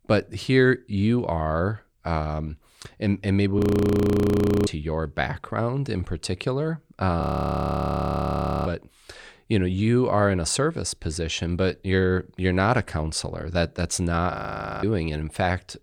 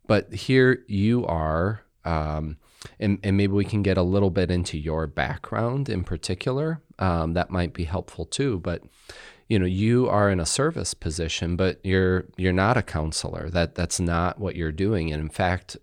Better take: second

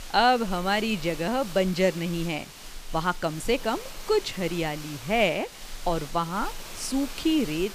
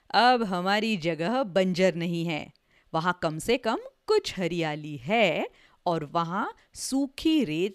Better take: second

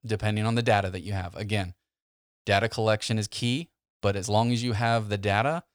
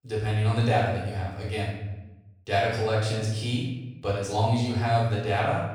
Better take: first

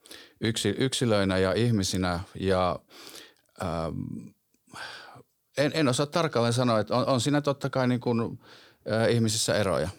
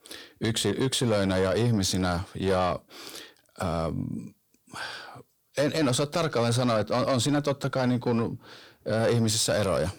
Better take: first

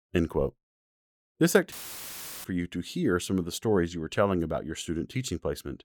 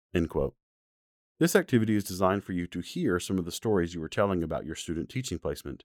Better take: second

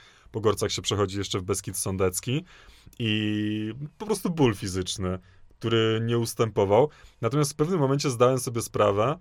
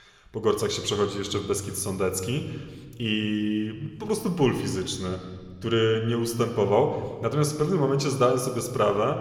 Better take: first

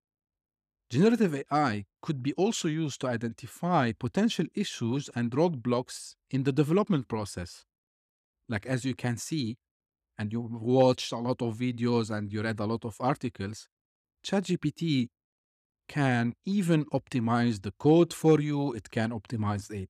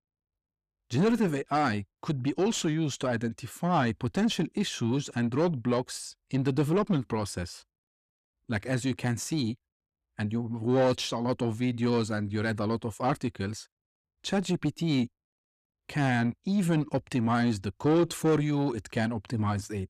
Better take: first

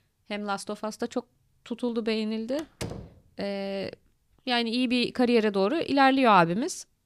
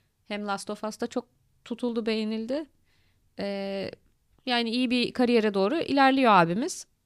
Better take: second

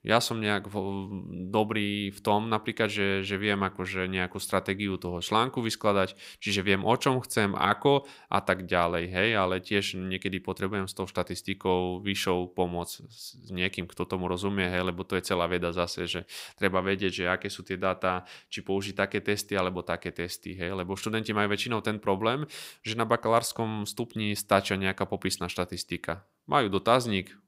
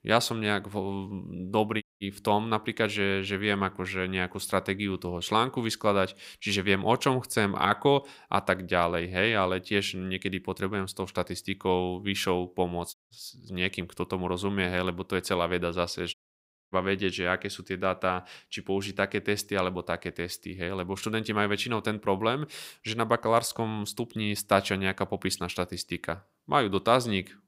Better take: first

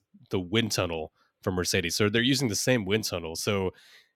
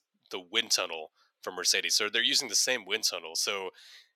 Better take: first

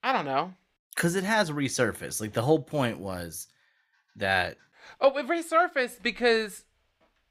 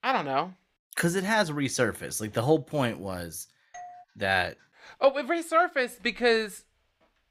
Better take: first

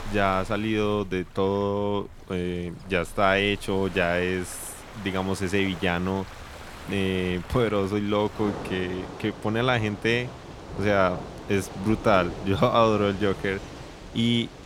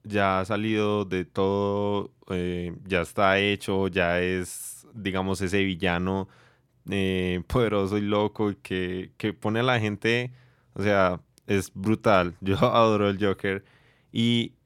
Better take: second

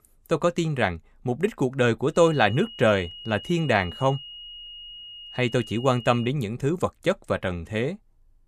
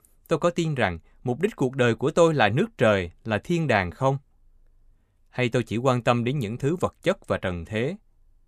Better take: second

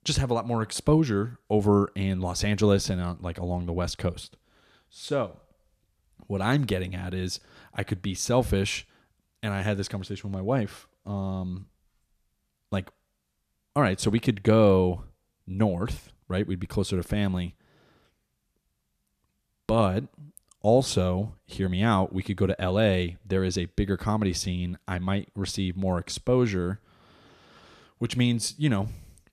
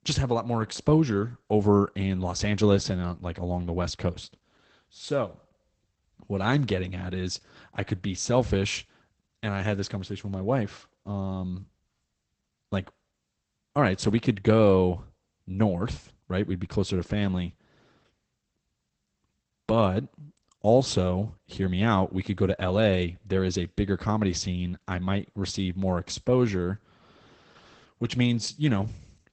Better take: first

